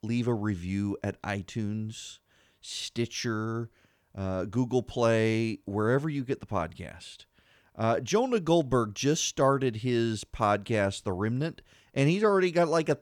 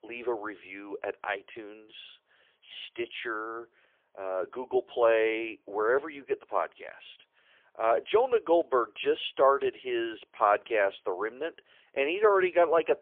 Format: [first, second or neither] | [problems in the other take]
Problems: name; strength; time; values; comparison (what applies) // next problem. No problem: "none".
first | phone-call audio; poor line; nothing above 3.5 kHz